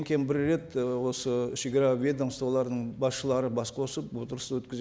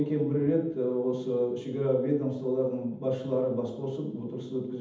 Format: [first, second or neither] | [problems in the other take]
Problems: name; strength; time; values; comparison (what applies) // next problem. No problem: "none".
first | room echo; dies away in 0.8 s